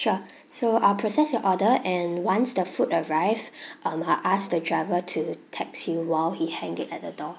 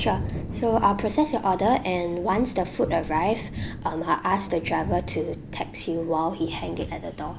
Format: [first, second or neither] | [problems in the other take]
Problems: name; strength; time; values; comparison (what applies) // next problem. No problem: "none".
first | background sound (Thunder); 9 dB below the speech